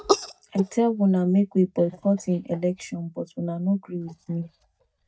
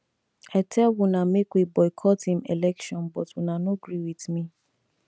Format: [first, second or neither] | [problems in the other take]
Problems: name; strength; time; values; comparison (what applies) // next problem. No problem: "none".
second | noise reduction (neural mask model DeepFilterNet 3)